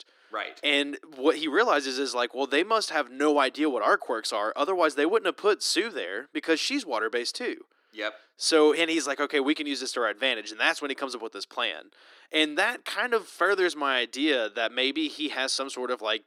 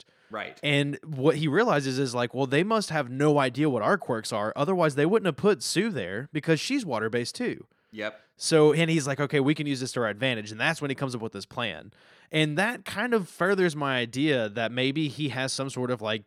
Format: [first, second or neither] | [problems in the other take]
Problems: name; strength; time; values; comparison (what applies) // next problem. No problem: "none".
second | thin; somewhat; fading below 300 Hz